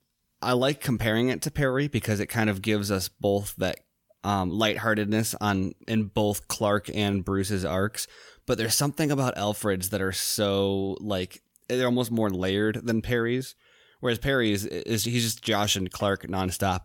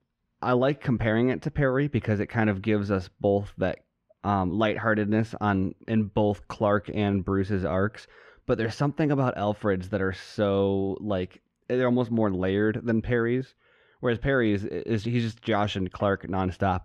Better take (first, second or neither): first